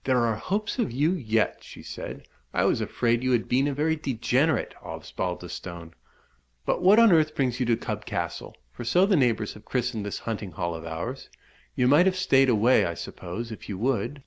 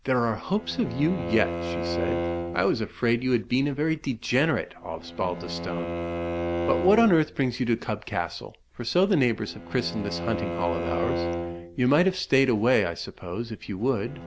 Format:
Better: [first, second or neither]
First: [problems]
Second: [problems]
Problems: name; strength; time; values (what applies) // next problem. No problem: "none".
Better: first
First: none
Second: background sound (Bowed string instrument); 7 dB below the speech